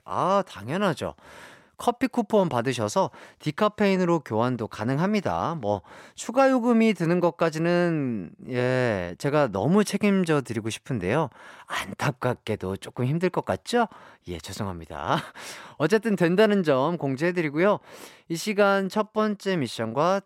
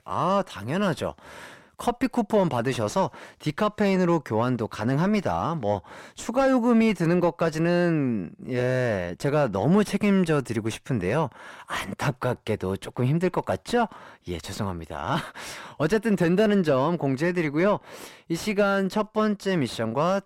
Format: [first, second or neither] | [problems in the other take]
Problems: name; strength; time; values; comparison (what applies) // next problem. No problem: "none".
first | distortion; slight; 10 dB below the speech